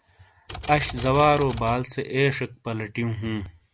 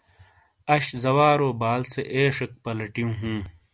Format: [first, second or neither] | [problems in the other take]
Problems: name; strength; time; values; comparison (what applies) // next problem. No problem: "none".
second | background sound (Typewriter); 11 dB below the speech